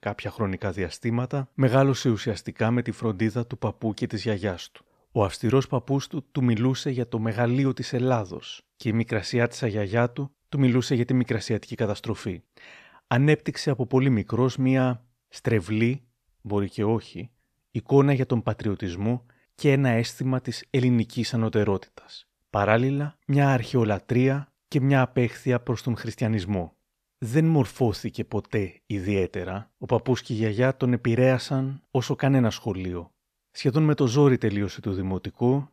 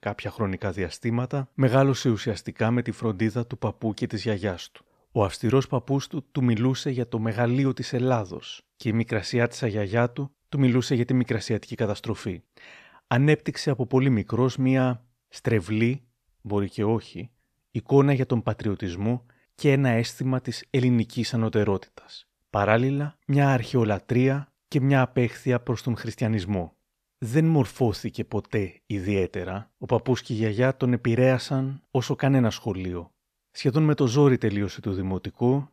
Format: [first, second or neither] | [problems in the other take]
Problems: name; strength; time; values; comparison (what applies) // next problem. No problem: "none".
neither | none